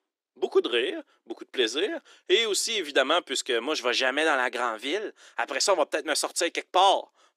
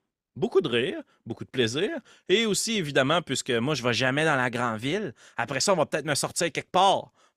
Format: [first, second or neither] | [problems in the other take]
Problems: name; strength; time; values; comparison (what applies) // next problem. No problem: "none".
second | thin; somewhat; fading below 300 Hz